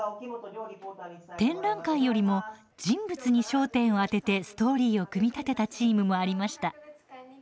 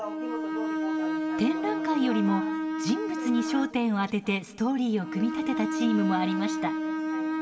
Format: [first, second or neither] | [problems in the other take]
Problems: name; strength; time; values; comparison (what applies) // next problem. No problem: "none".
first | background sound (Bowed string instrument); 1 dB below the speech // room echo; dies away in 3 s